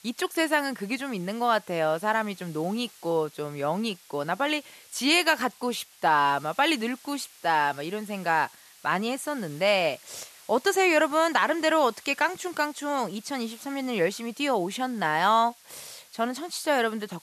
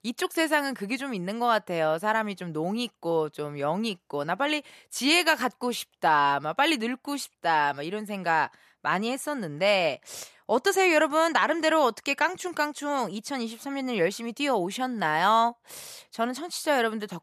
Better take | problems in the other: second | hiss; faint; throughout; 25 dB below the speech

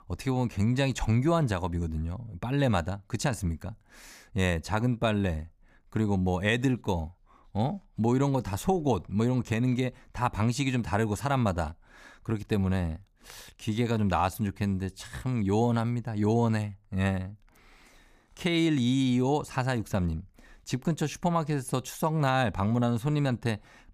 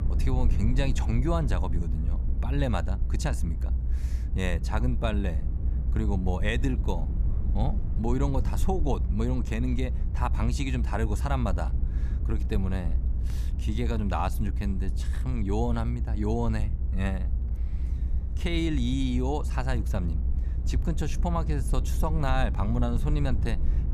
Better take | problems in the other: first | low rumble; noticeable; throughout; 15 dB below the speech

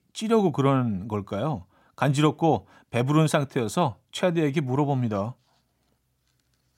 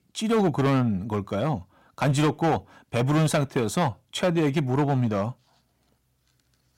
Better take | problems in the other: first | distortion; slight; 8% of the sound clipped

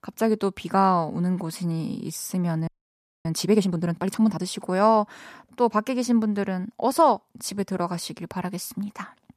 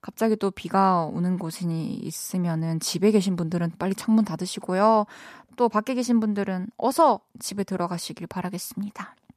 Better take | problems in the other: second | audio freezing; at 2.5 s for 0.5 s

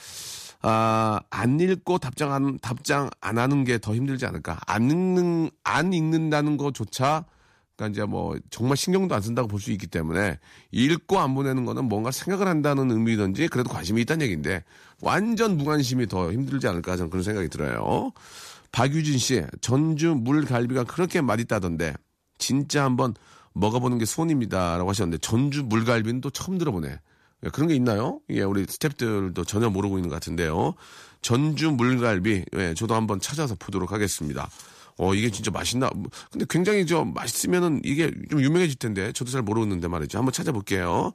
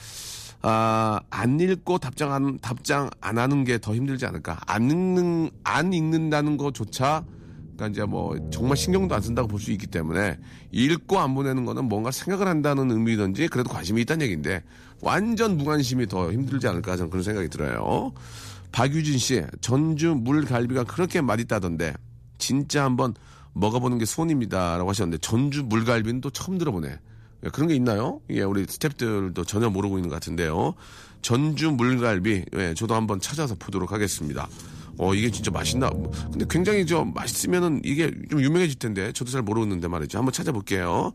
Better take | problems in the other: first | low rumble; faint; throughout; 20 dB below the speech

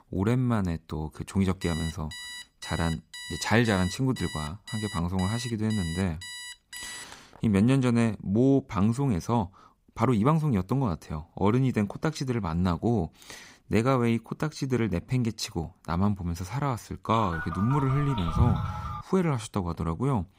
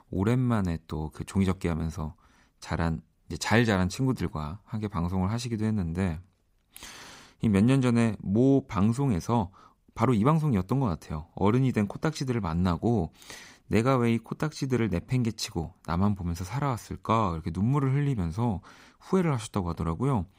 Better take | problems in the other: second | alarm; faint; from 1.5 to 7.5 s; peak 10 dB below the speech // phone ringing; loud; from 17 to 19 s; peak 1 dB above the speech

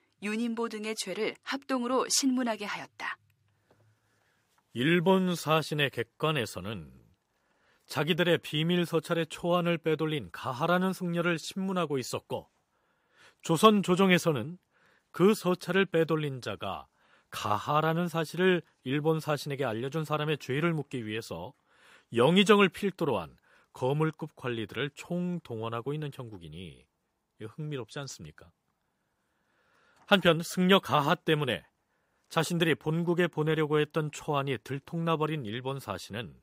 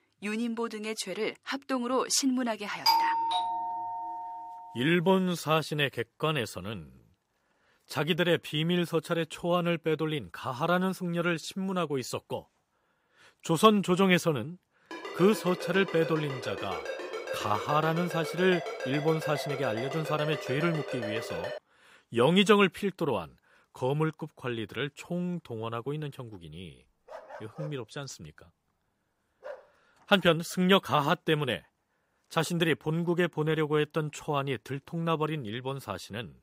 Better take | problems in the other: first | doorbell; loud; from 3 to 4.5 s; peak 5 dB above the speech // phone ringing; noticeable; from 15 to 22 s; peak 7 dB below the speech // dog barking; faint; from 27 to 30 s; peak 15 dB below the speech

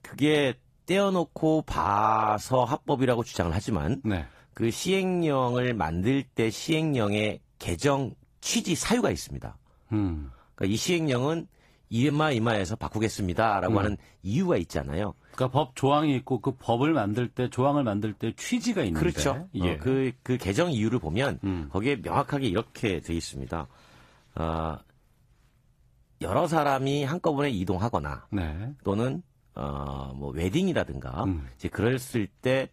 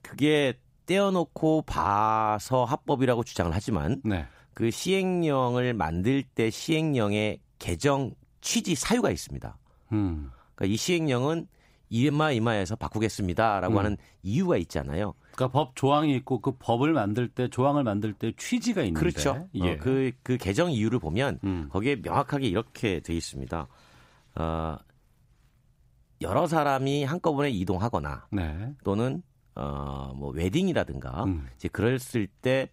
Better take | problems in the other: second | garbled, watery; slightly; nothing above 14.5 kHz

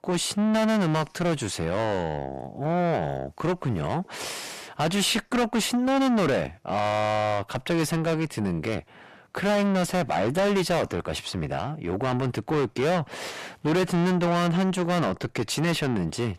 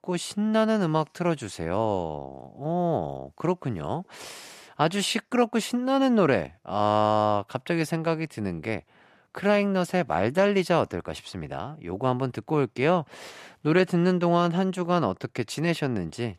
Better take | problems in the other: second | distortion; heavy; 5 dB below the speech

